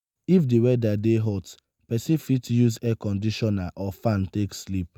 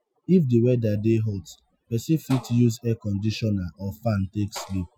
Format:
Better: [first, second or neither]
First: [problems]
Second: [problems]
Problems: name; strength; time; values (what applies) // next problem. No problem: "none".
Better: first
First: none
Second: noise reduction (classical method Wiener filter)